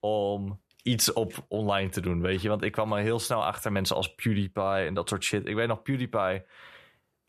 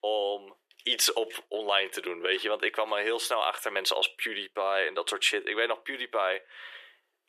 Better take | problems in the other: first | thin; very; fading below 350 Hz

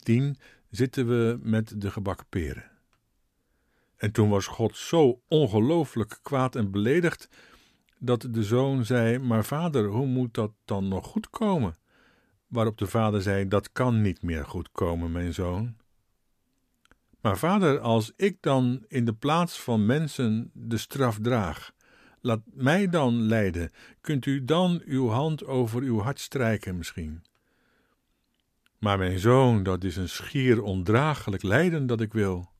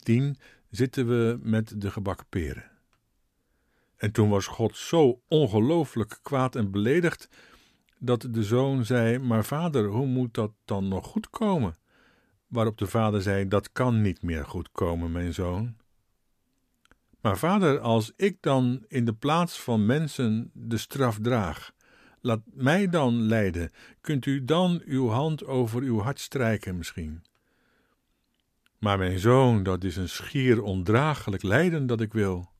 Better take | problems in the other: neither | none

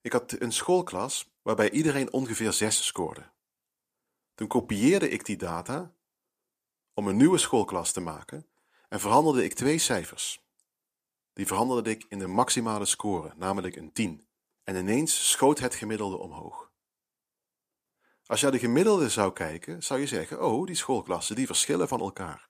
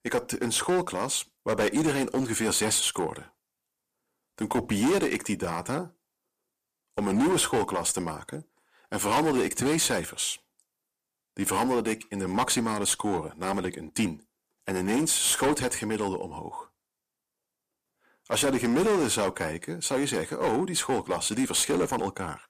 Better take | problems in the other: first | distortion; heavy; 9% of the sound clipped

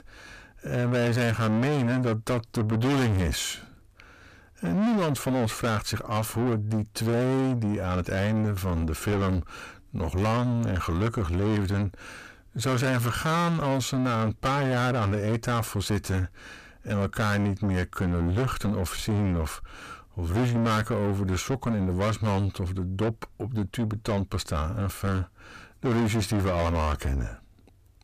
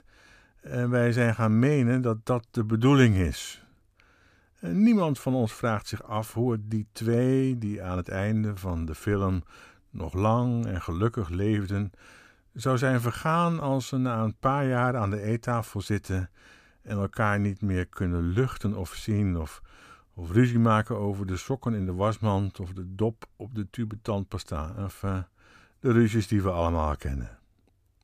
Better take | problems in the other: second | distortion; heavy; 6 dB below the speech

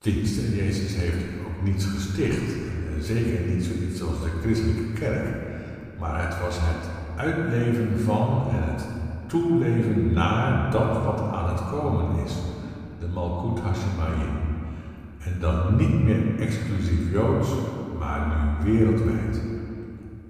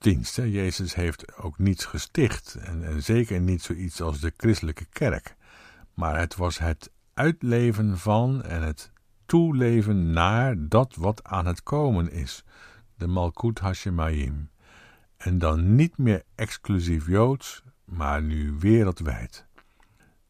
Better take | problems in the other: second | off-mic speech; far // room echo; noticeable; dies away in 2.5 s

